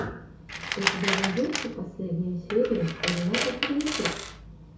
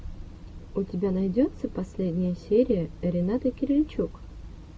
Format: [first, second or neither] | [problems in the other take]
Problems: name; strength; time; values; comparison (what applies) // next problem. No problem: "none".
second | background sound (Tools); 3 dB below the speech // room echo; dies away in 0.6 s